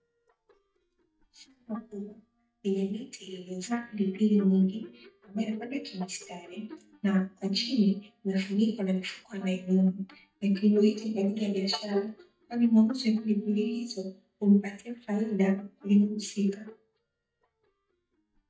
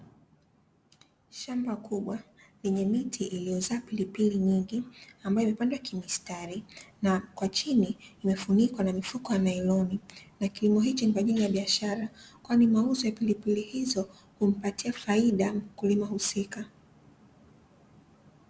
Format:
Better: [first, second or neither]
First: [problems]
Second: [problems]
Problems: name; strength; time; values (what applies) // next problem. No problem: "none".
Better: second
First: noise reduction (neural mask model DeepFilterNet 3)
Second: none